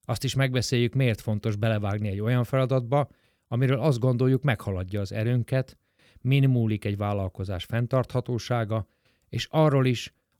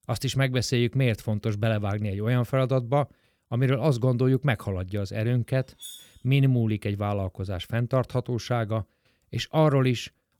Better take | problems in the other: first | clattering dishes; faint; at 6 s; peak 15 dB below the speech

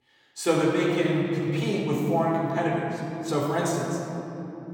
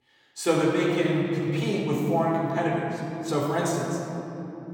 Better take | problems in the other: neither | off-mic speech; far; the same in both // room echo; noticeable; dies away in 3 s; the same in both

